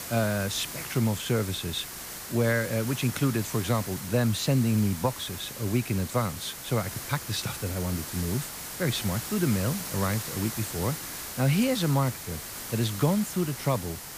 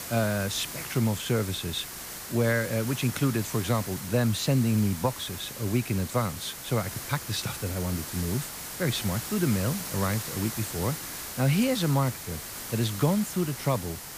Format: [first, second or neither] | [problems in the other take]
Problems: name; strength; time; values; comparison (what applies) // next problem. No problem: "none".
neither | hiss; loud; throughout; 7 dB below the speech; the same in both